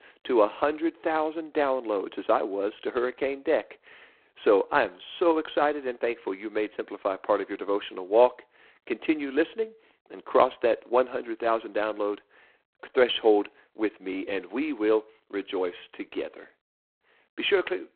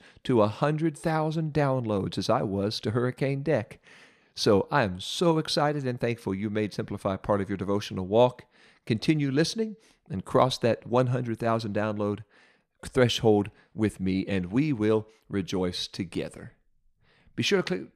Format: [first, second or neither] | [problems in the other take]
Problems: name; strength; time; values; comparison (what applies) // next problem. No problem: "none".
second | phone-call audio; poor line